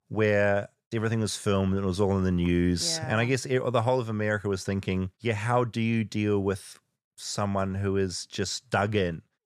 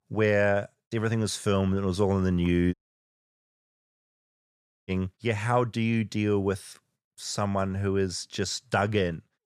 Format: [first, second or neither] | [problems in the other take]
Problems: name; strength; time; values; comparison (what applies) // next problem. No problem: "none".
first | audio cutting out; at 2.5 s for 2 s